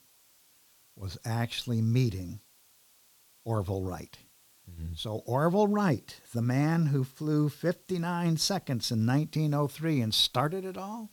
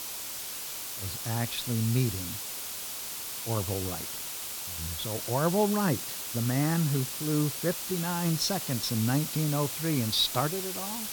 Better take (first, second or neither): first